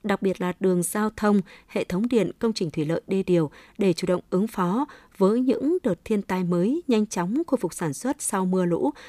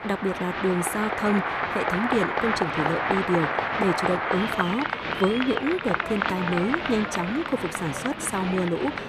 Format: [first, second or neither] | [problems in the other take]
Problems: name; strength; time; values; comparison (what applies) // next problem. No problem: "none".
first | crowd noise; loud; throughout; as loud as the speech